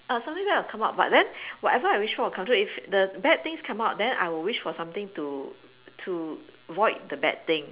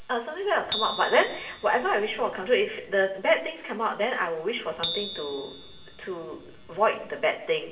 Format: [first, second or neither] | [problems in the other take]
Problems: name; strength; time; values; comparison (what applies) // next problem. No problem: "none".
first | background sound (Bicycle bell); 11 dB below the speech // room echo; dies away in 0.7 s